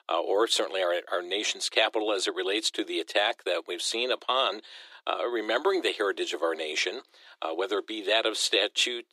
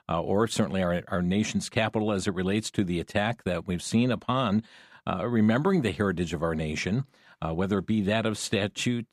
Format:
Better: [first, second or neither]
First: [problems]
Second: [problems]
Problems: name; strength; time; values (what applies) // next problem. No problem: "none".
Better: second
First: thin; very; fading below 350 Hz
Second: none